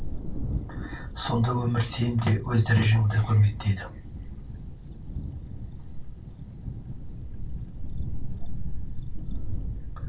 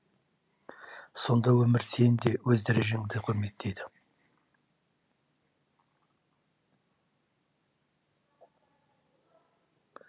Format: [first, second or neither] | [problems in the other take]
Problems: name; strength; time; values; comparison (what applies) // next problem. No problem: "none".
second | background sound (Thunder); 3 dB below the speech // room echo; dies away in 0.2 s